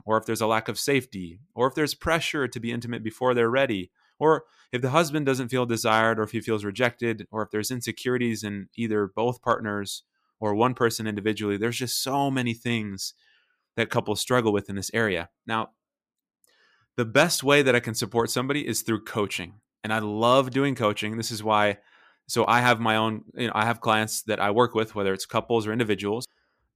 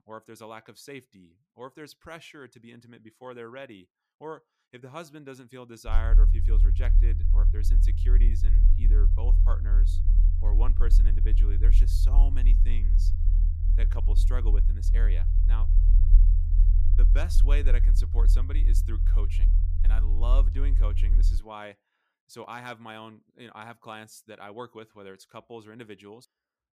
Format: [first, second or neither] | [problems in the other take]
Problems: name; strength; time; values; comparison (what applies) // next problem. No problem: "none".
first | low rumble; loud; from 6 to 21 s; 5 dB below the speech